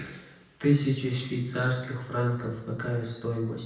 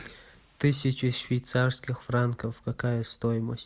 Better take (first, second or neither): second